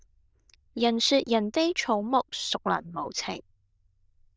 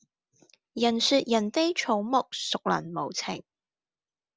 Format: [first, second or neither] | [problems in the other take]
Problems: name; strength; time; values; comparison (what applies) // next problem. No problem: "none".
second | noise reduction (neural diffusion model UNIVERSE++)